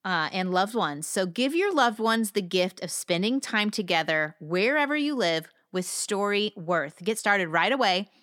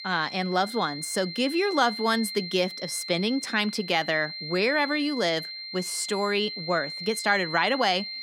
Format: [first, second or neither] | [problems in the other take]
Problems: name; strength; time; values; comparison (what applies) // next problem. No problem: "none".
first | high-pitched whine; loud; throughout; 4 kHz, 8 dB below the speech